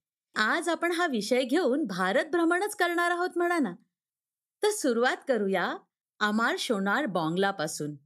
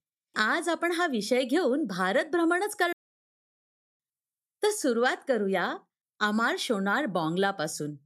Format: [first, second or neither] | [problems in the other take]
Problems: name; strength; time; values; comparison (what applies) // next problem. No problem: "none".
first | audio cutting out; at 3 s for 1 s